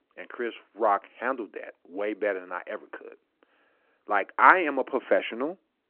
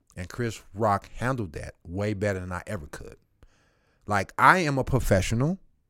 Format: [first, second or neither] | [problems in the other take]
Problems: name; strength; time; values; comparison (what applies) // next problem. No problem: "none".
second | phone-call audio